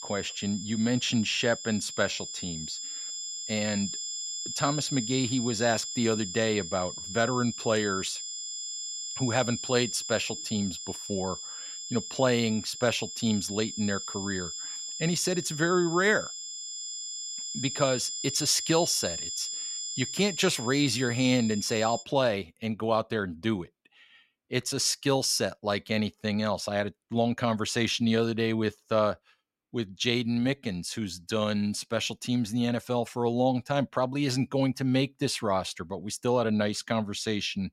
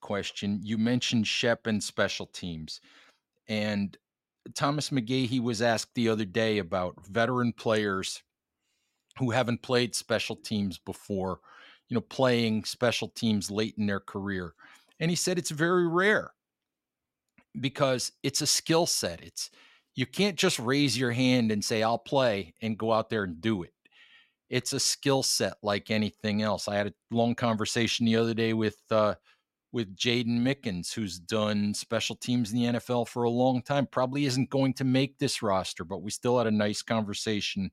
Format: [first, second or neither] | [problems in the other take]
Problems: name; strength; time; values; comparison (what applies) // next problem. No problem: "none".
second | high-pitched whine; loud; until 22 s; 7.5 kHz, 6 dB below the speech